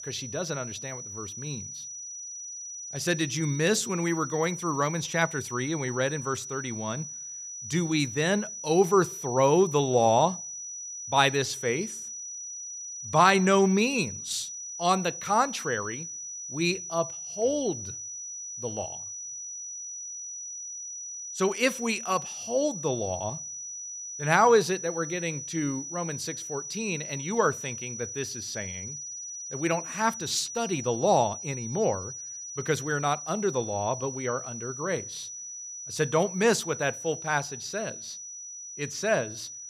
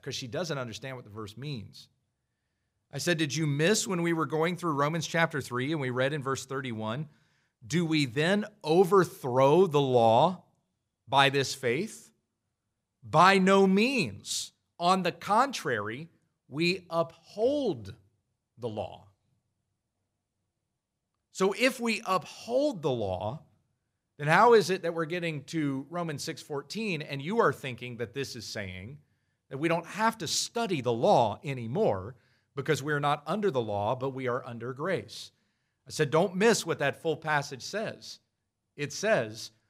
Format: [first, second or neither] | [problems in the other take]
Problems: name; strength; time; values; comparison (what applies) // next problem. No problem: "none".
second | high-pitched whine; loud; throughout; 6 kHz, 8 dB below the speech